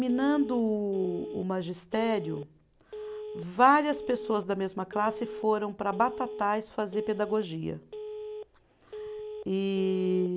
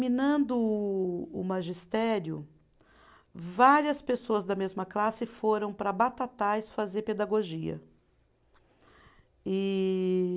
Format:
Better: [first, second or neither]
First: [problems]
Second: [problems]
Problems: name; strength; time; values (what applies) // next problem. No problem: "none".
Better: second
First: background sound (Telephone); 12 dB below the speech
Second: none